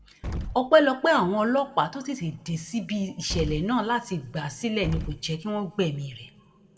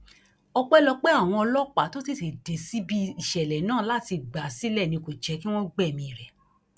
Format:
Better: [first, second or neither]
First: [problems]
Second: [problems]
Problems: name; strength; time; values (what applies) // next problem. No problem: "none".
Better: second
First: background sound (Explosion); 10 dB below the speech // room echo; dies away in 2.4 s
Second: none